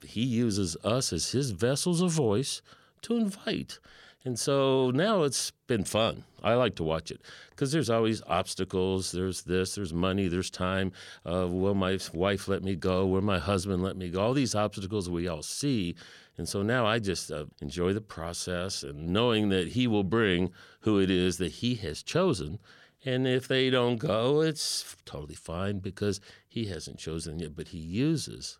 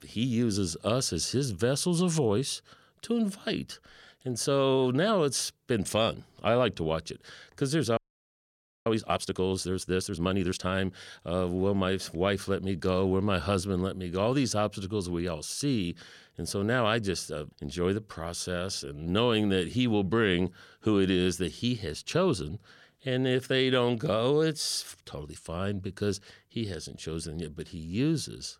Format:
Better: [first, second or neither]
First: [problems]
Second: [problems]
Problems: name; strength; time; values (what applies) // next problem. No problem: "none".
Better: first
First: none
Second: audio freezing; at 8 s for 1 s